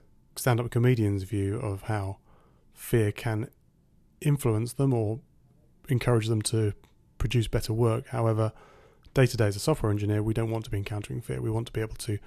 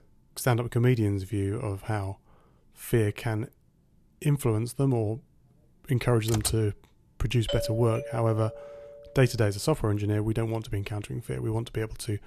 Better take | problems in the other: first | keyboard typing; noticeable; at 6.5 s; peak 5 dB below the speech // doorbell; noticeable; from 7.5 to 9 s; peak 5 dB below the speech

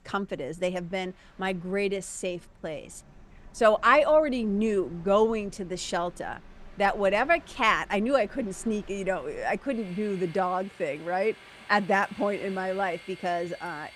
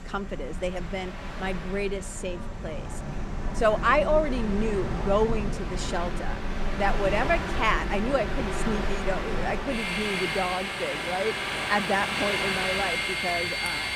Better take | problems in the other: first | train or aircraft noise; loud; throughout; 2 dB below the speech; faint in the first

